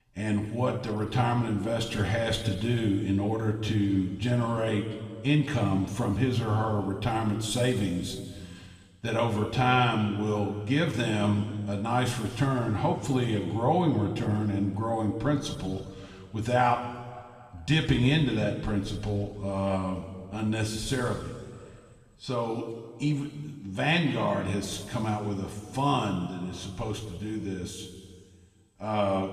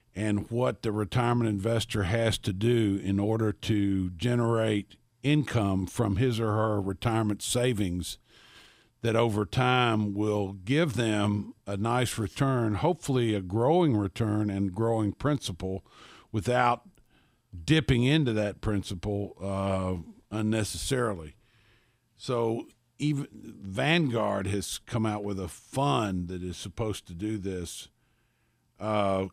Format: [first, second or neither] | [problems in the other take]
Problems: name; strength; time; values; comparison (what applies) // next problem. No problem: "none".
second | room echo; noticeable; dies away in 1.8 s // off-mic speech; somewhat distant